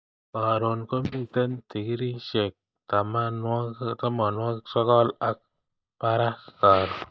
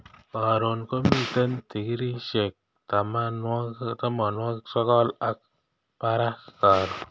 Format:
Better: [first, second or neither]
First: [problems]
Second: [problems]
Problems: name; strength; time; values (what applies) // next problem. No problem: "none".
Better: second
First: noise reduction (neural mask model DeepFilterNet 3)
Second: none